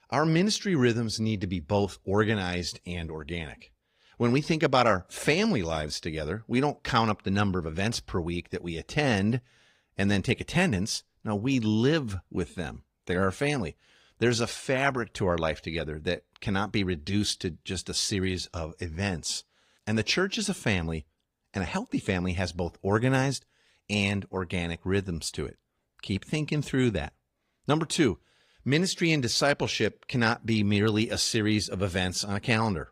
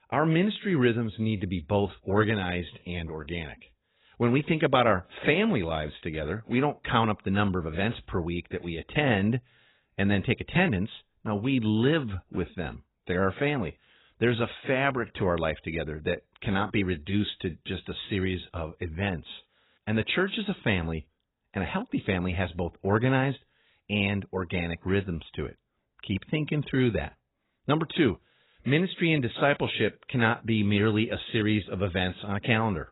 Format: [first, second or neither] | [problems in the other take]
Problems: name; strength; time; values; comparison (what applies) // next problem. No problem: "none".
first | garbled, watery; badly; nothing above 4 kHz; slightly in the first